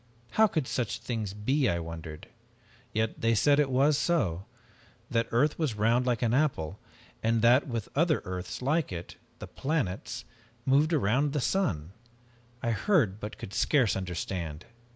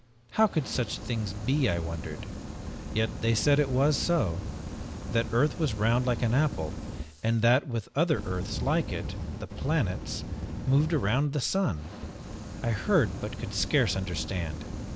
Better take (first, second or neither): first